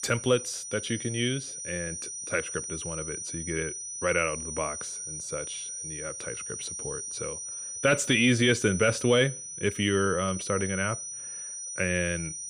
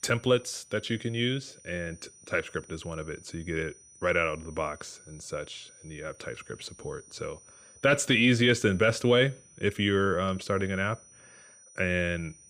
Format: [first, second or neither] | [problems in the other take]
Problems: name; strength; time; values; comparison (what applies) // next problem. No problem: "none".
second | high-pitched whine; loud; throughout; 6 kHz, 7 dB below the speech; faint in the second